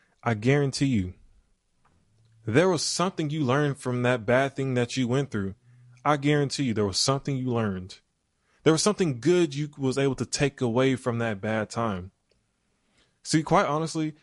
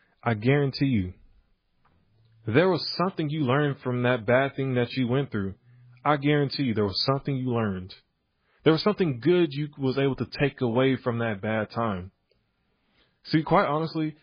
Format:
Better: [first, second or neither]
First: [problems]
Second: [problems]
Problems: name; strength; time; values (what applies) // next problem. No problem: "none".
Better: first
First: garbled, watery; slightly; nothing above 11 kHz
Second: garbled, watery; badly; nothing above 4.5 kHz